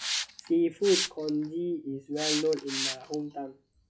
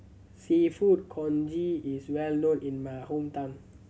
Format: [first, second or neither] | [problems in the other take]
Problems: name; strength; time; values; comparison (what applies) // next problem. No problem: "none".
second | noise reduction (classical method log-MMSE)